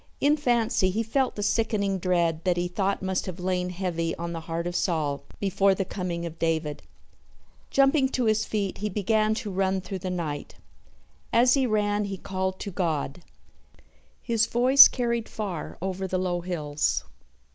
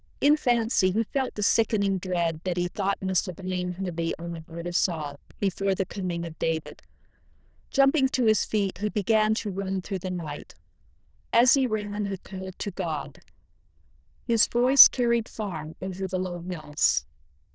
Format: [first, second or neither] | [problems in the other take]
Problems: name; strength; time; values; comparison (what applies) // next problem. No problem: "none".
first | noise reduction (neural diffusion model UNIVERSE++)